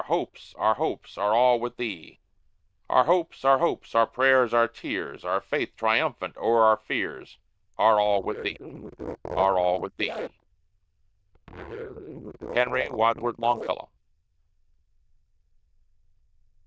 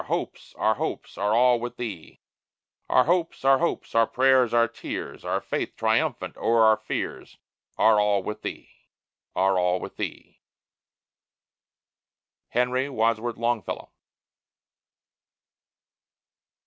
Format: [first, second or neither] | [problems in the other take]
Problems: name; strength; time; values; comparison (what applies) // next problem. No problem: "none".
second | noise reduction (neural diffusion model UNIVERSE++)